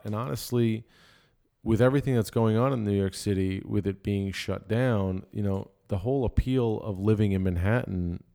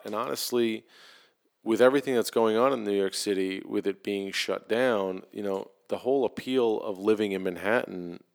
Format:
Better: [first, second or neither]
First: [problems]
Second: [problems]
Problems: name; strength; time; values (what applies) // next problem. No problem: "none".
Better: first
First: none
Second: thin; somewhat; fading below 300 Hz